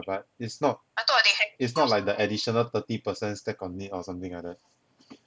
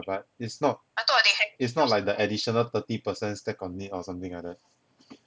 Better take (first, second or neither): second